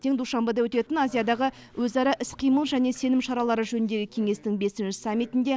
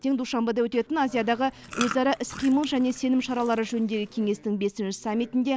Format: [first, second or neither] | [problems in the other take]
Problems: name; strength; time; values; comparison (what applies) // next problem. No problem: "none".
first | background sound (Chewing, mastication); 14 dB below the speech